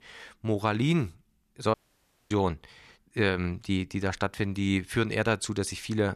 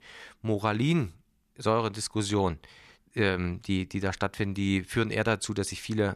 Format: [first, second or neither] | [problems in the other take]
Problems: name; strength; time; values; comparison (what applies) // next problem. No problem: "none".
second | audio cutting out; at 1.5 s for 0.5 s